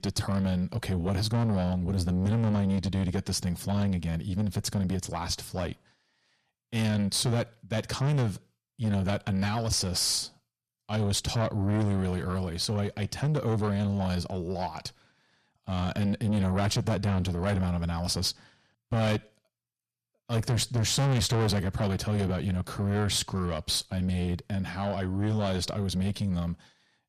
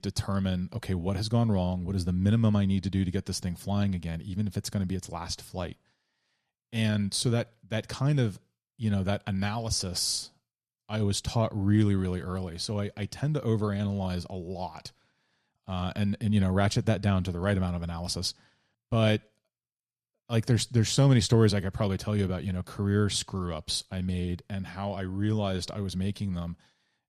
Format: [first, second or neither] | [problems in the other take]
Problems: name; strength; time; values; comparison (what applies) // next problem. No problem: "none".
second | distortion; heavy; 7 dB below the speech